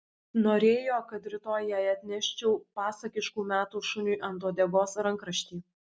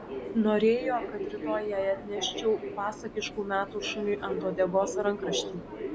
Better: first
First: none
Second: background sound (Subway, metro, underground); 7 dB below the speech

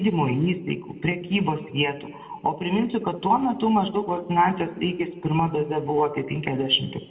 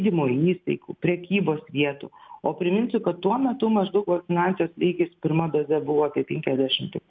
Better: second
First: room echo; dies away in 0.7 s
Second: none

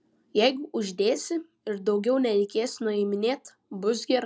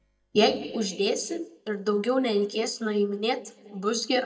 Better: first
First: none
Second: noise reduction (neural mask model DeepFilterNet 3)

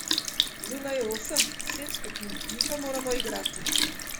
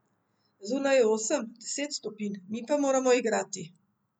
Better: second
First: background sound (Sink (filling or washing) / Liquid); 5 dB above the speech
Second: none

